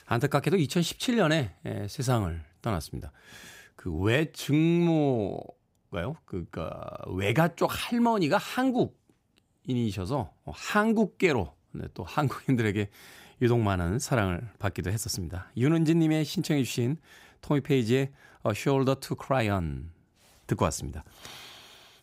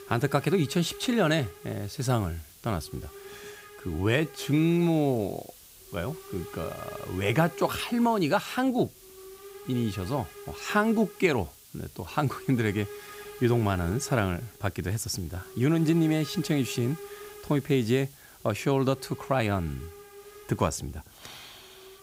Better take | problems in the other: first | hiss; noticeable; throughout; 15 dB below the speech

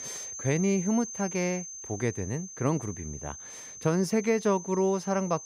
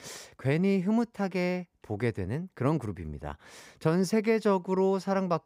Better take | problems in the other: second | high-pitched whine; noticeable; throughout; 6.5 kHz, 10 dB below the speech

